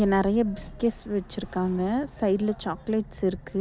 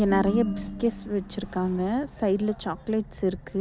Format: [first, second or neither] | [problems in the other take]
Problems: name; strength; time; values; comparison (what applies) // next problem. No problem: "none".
first | background sound (Ringtone); 10 dB below the speech